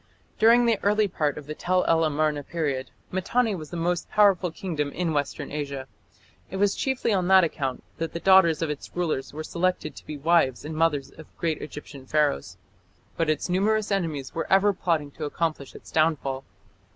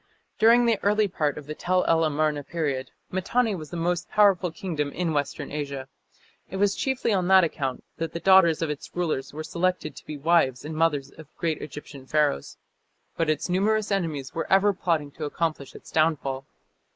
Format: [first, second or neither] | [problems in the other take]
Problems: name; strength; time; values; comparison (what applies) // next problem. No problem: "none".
first | noise reduction (neural mask model Resemble Enhance denoiser)